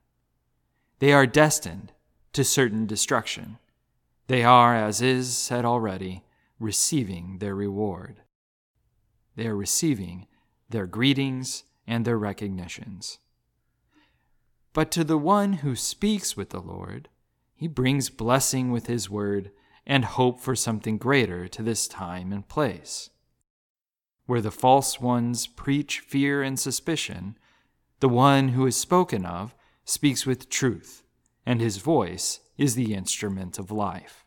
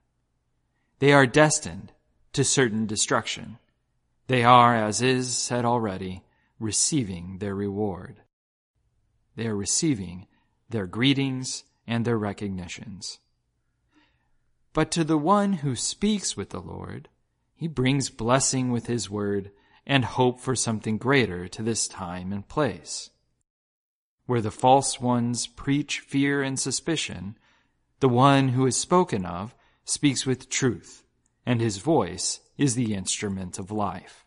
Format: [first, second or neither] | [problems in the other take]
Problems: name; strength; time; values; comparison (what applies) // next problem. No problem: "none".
first | garbled, watery; slightly; nothing above 10.5 kHz